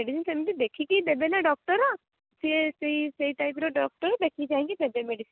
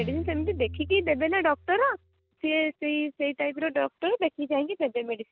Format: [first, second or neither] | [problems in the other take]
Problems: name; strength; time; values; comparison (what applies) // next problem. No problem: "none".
first | background sound (Guitar); 15 dB below the speech